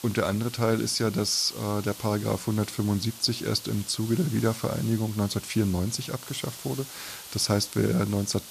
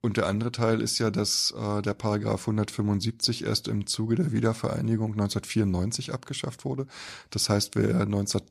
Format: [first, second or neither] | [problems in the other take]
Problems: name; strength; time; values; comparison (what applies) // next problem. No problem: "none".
second | hiss; noticeable; throughout; 15 dB below the speech